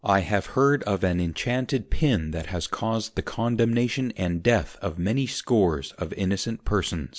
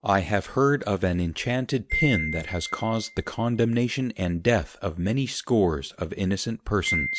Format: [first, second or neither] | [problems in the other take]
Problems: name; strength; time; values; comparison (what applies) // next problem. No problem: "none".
first | noise reduction (neural mask model RNNoise)